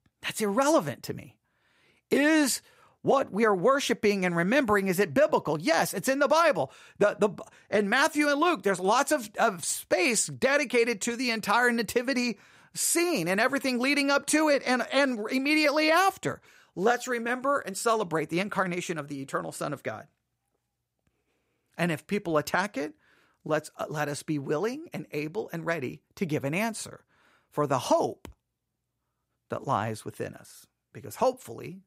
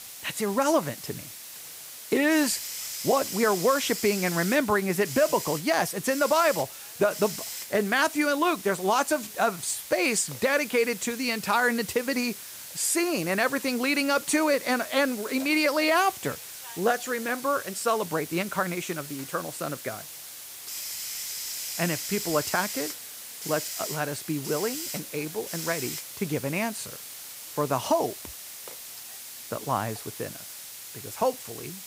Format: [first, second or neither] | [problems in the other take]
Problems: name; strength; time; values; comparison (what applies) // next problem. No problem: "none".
first | hiss; loud; throughout; 9 dB below the speech